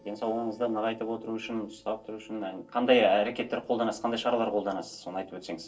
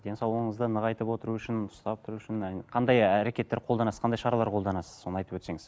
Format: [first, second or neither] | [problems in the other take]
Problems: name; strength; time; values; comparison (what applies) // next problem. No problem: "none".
second | noise reduction (neural separator model SepFormer DNS4)